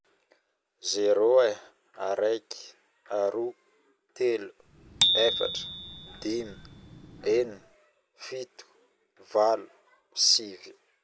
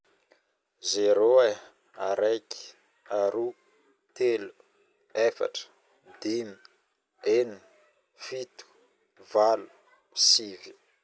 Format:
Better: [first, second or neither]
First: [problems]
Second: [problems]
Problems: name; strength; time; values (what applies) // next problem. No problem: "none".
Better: second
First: background sound (Bicycle bell); 2 dB below the speech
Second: none